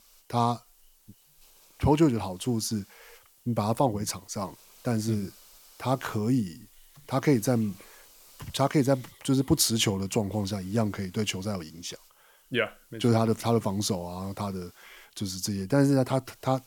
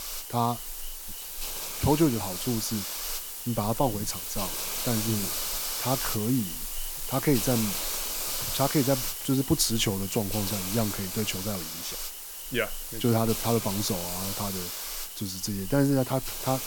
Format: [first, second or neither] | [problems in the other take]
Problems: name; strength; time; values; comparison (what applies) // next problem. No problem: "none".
first | hiss; loud; throughout; 3 dB below the speech; faint in the first